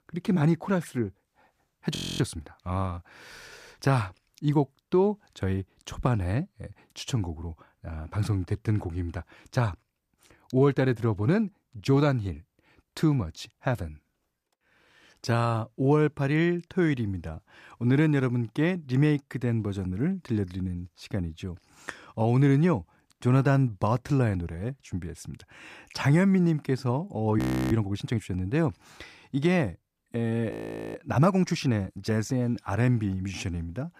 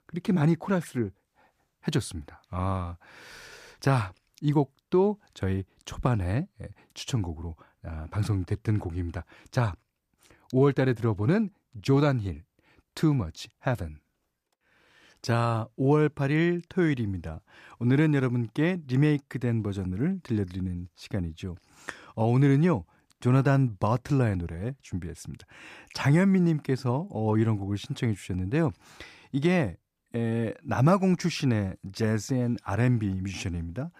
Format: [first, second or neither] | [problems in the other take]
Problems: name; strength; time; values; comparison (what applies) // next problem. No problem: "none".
second | audio freezing; at 2 s, at 27 s and at 31 s